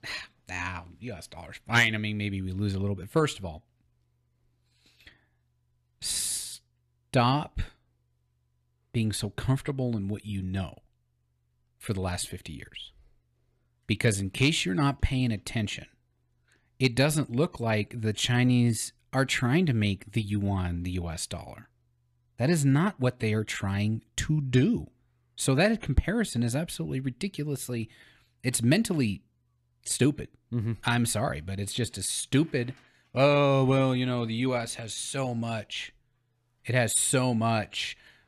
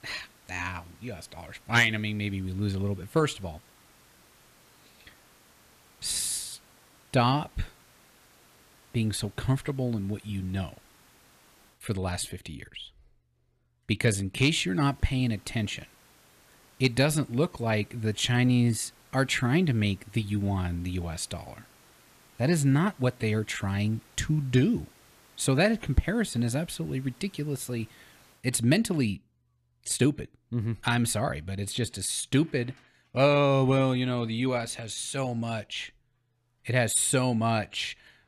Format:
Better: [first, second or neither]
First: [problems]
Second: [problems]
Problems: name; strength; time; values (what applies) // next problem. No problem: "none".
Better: first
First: none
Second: hiss; faint; until 12 s and from 15 to 28 s; 30 dB below the speech